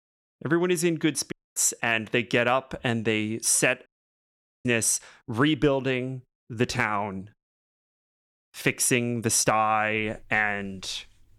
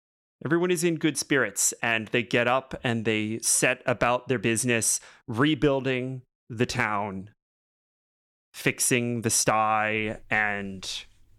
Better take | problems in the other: second | audio cutting out; at 1.5 s and at 4 s for 1 s

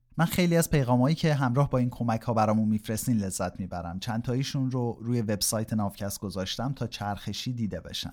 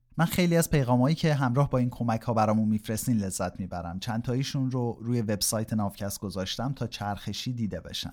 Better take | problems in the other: neither | none

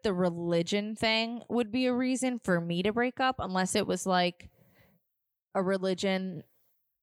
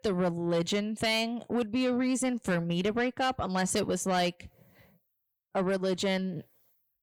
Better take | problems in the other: first | distortion; slight; 10 dB below the speech

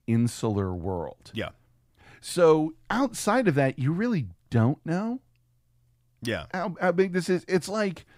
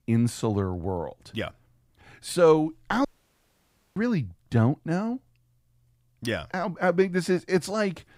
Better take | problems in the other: first | audio cutting out; at 3 s for 1 s

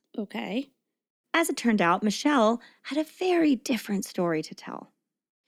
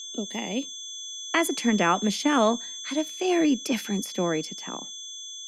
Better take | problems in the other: first | high-pitched whine; loud; throughout; 3.5 kHz, 9 dB below the speech

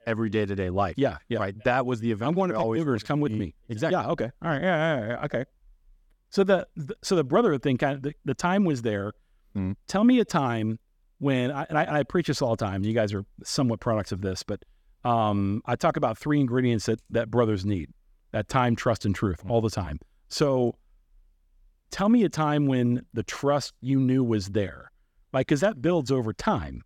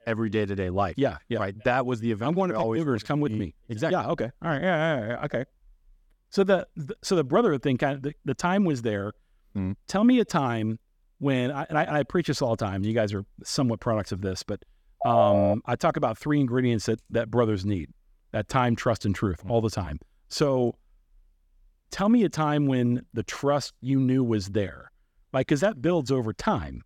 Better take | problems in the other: first | phone ringing; loud; at 15 s; peak 4 dB above the speech

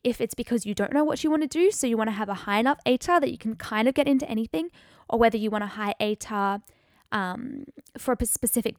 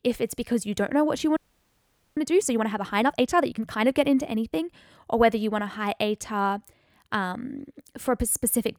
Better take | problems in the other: first | audio freezing; at 1.5 s for 1 s

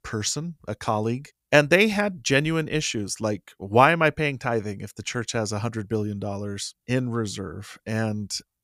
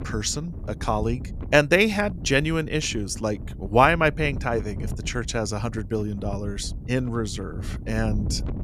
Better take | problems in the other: first | wind noise on the microphone; occasional gusts; 20 dB below the speech

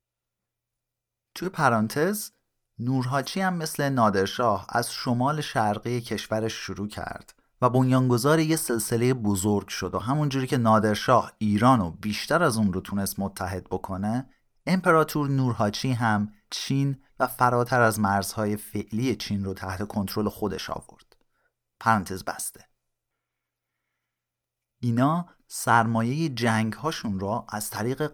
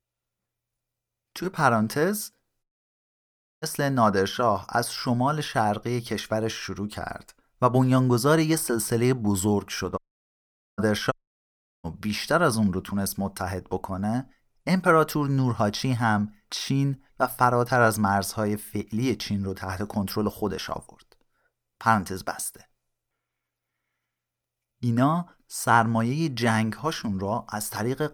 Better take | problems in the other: first | audio cutting out; at 2.5 s for 1 s, at 10 s for 1 s and at 11 s for 0.5 s

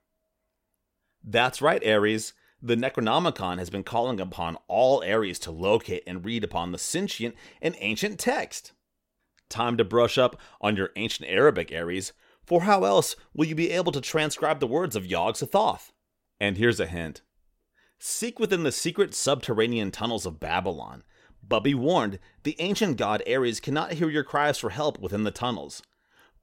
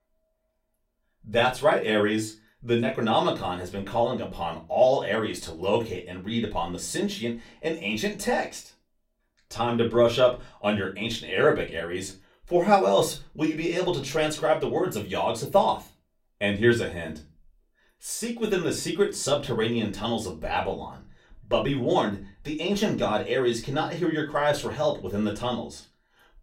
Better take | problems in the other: first | off-mic speech; far // room echo; very slight; dies away in 0.2 s

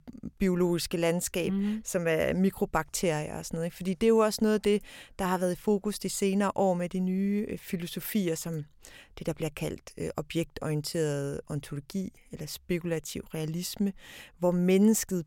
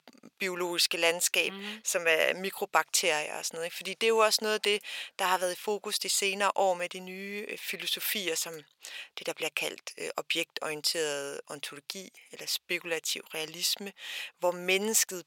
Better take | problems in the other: first | thin; very; fading below 650 Hz

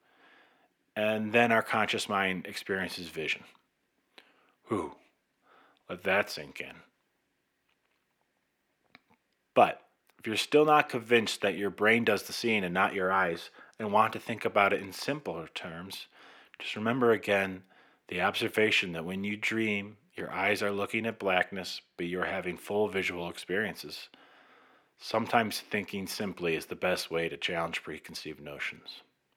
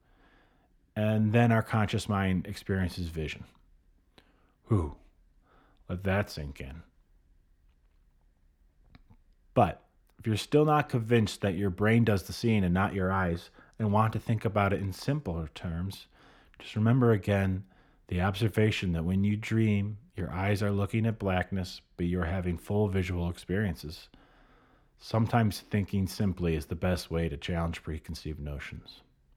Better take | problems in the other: second | thin; somewhat; fading below 350 Hz

